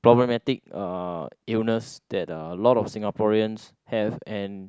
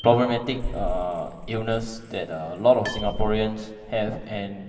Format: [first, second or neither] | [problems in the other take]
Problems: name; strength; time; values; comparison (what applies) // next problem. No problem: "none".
first | background sound (Bicycle bell); 8 dB below the speech // room echo; dies away in 2.1 s